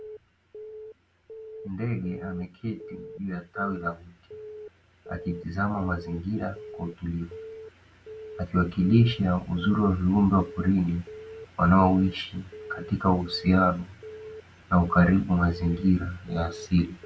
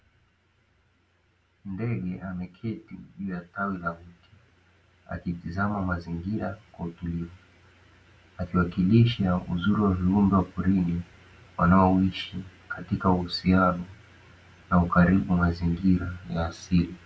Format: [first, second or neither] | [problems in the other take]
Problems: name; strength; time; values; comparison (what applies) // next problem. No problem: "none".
second | background sound (Alarm / Keyboard (musical)); 17 dB below the speech